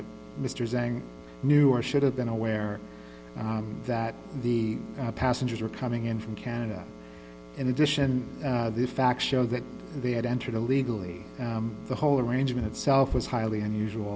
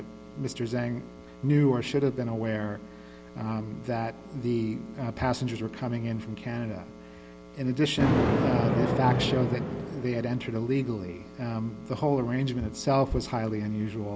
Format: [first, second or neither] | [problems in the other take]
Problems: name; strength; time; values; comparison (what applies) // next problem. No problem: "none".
first | background sound (Thunder); 5 dB below the speech